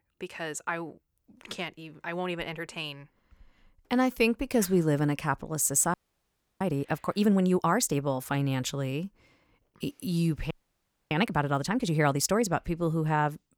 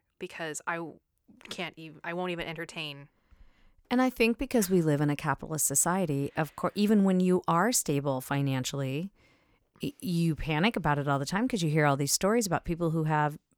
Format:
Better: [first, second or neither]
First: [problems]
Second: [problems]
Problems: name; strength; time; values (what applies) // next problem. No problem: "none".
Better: second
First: audio freezing; at 6 s for 0.5 s and at 11 s for 0.5 s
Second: none